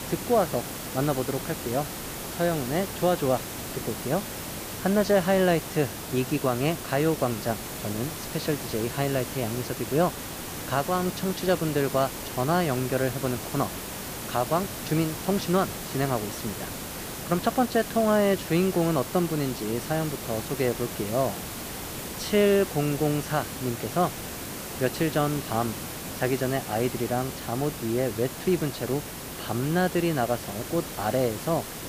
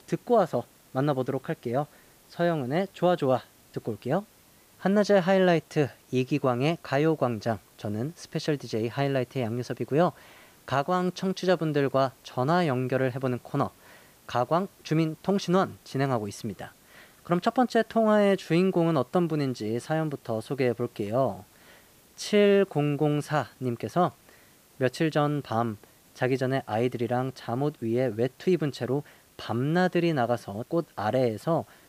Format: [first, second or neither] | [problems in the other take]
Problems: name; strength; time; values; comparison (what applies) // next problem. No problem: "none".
second | hiss; loud; throughout; 7 dB below the speech; faint in the second